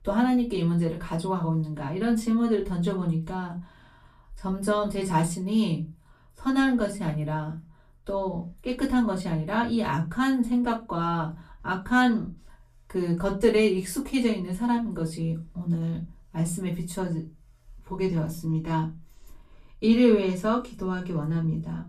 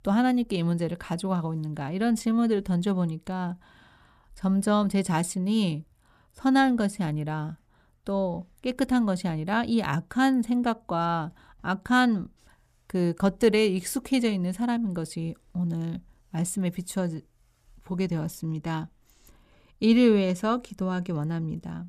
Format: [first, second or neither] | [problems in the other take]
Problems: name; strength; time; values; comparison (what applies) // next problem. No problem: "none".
second | off-mic speech; far // room echo; very slight; dies away in 0.2 s